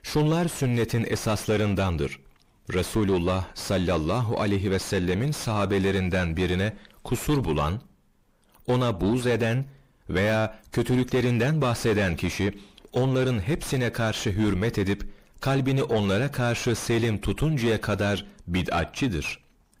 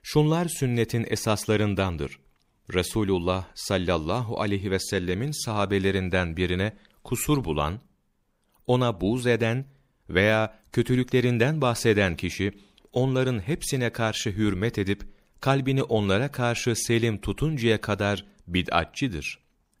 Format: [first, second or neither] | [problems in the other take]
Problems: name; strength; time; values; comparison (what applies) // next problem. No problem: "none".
second | distortion; heavy; 6 dB below the speech